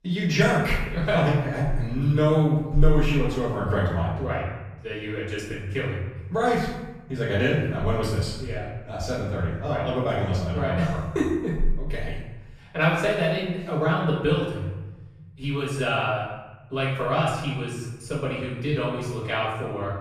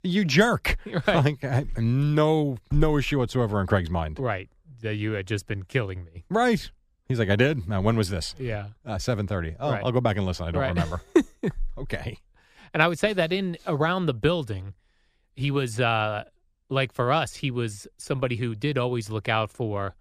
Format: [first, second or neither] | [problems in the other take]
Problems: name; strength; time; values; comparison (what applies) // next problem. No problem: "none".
second | off-mic speech; far // room echo; noticeable; dies away in 0.9 s